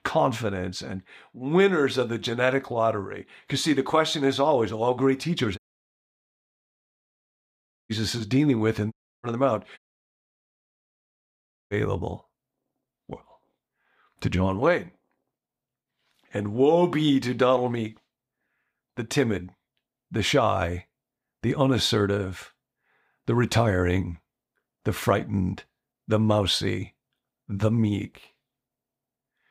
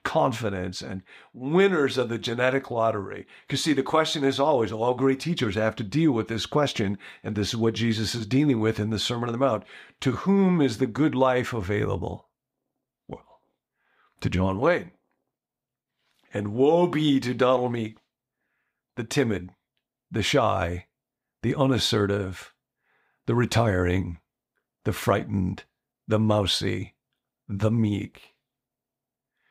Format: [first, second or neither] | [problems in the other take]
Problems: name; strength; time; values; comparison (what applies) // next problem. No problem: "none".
second | audio cutting out; at 5.5 s for 2.5 s, at 9 s and at 10 s for 2 s